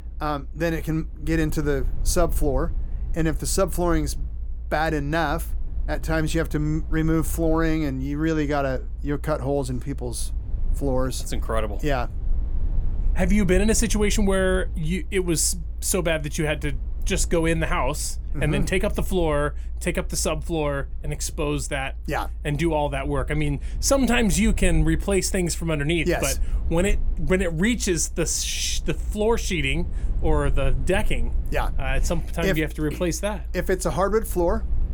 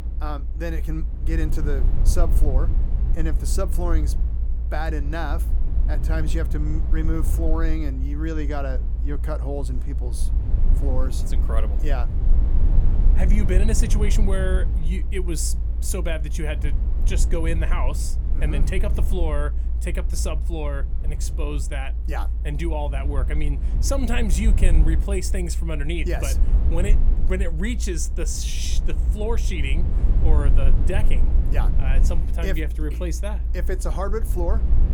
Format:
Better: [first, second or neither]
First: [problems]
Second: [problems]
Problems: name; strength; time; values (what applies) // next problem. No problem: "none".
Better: first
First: low rumble; faint; throughout; 25 dB below the speech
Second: low rumble; loud; throughout; 10 dB below the speech